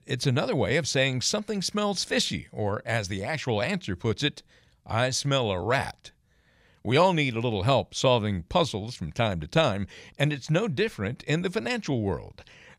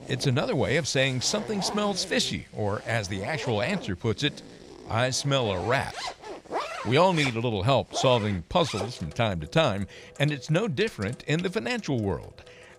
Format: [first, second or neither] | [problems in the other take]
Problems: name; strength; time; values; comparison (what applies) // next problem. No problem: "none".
first | household noises; noticeable; throughout; 15 dB below the speech